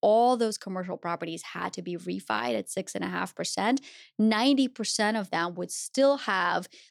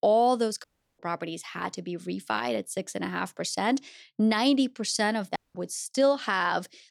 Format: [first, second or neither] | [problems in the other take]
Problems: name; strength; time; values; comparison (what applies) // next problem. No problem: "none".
first | audio cutting out; at 0.5 s and at 5.5 s